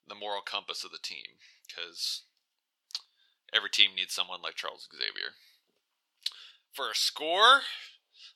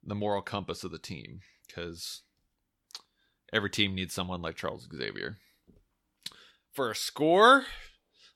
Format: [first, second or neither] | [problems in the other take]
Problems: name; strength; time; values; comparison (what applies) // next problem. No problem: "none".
second | thin; very; fading below 750 Hz